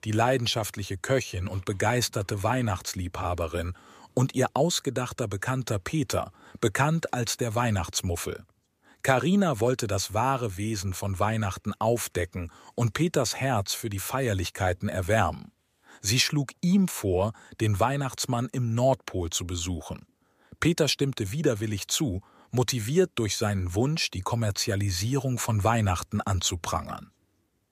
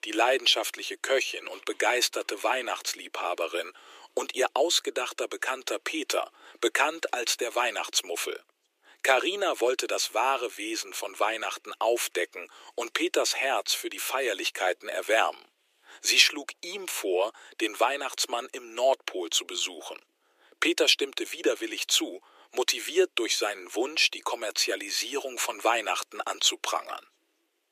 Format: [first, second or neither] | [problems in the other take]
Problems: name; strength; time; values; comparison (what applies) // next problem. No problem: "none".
first | thin; very; fading below 350 Hz